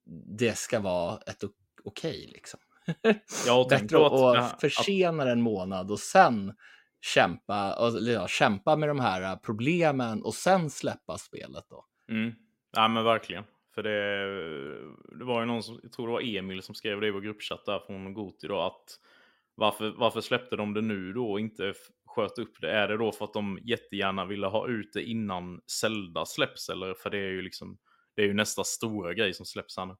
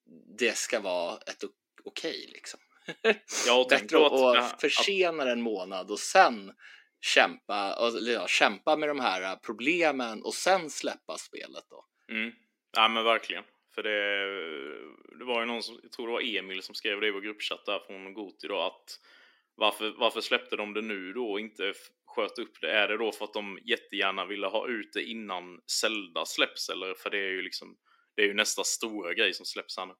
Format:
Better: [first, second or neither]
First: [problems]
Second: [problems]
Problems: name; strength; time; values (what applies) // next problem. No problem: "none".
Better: first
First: none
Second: thin; very slightly; fading below 300 Hz